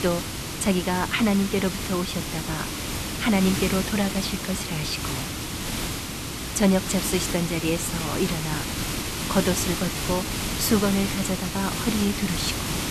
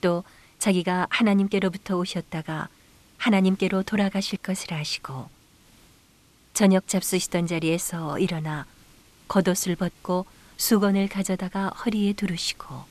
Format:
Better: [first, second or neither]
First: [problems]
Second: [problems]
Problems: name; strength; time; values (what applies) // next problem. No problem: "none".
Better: second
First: hiss; loud; throughout; 3 dB below the speech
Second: hiss; faint; throughout; 30 dB below the speech